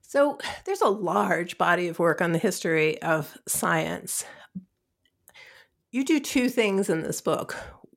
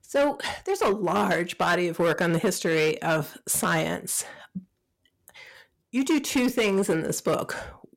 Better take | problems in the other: first | distortion; slight; 7% of the sound clipped

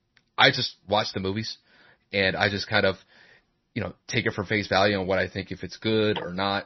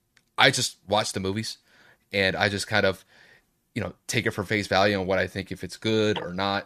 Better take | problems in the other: second | garbled, watery; slightly; nothing above 6 kHz

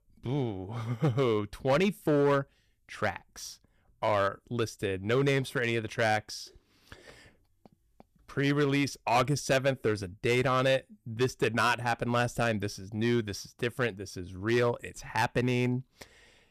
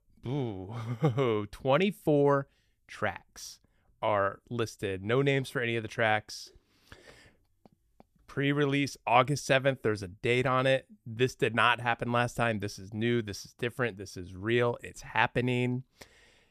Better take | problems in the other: second | distortion; slight; 4% of the sound clipped

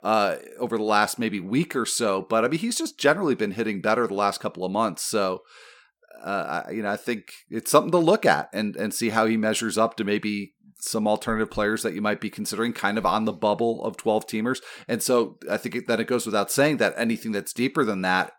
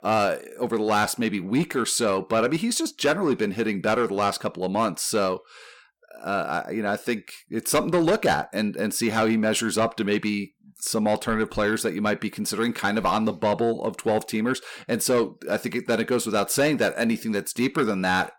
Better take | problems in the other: first | distortion; slight; 10 dB below the speech

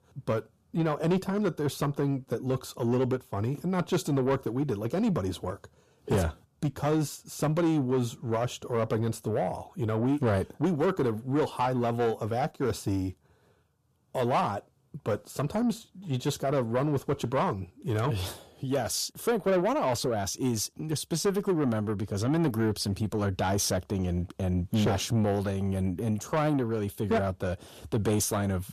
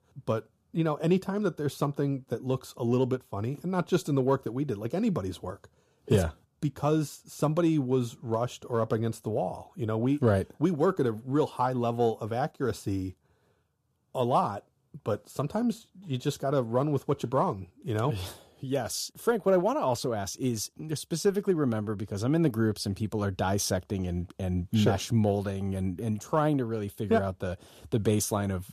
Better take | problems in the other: second | distortion; slight; 10 dB below the speech

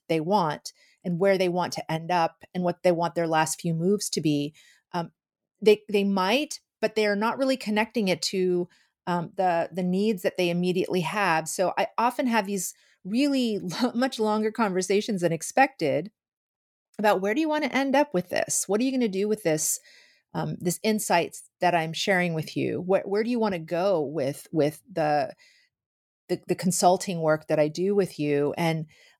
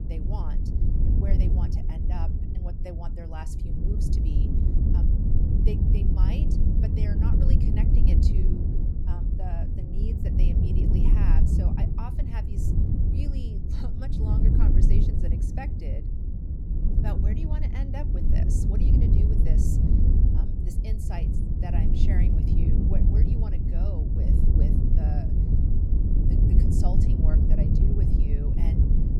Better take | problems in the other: first | wind noise on the microphone; heavy; 5 dB above the speech

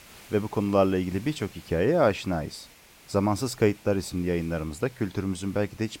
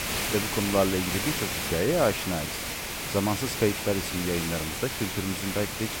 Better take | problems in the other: first | hiss; loud; throughout; 1 dB below the speech; faint in the first

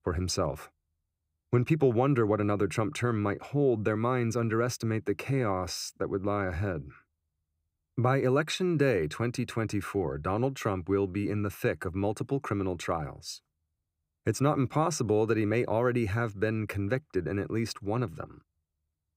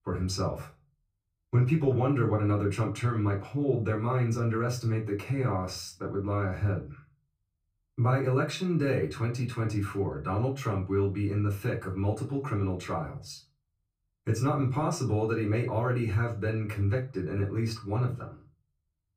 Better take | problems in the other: first | off-mic speech; far // room echo; very slight; dies away in 0.3 s

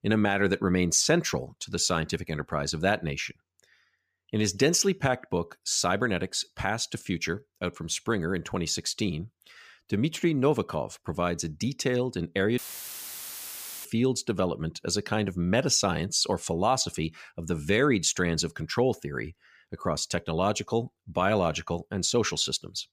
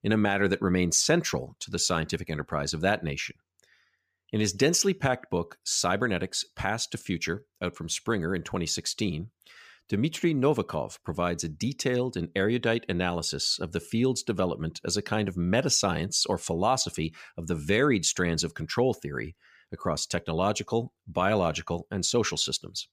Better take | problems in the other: second | audio cutting out; filled with static; at 13 s for 1.5 s

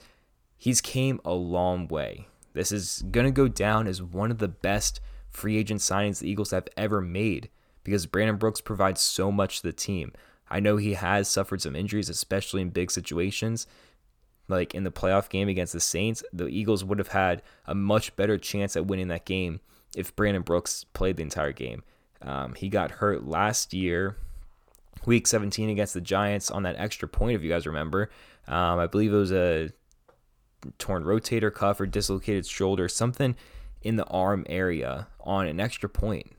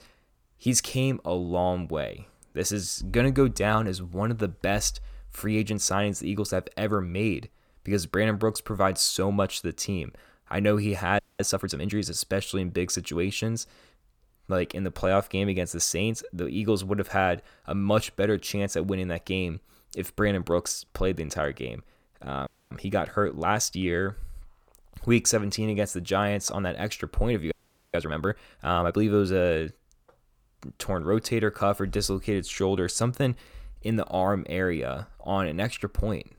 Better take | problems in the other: first | audio freezing; at 11 s, at 22 s and at 28 s

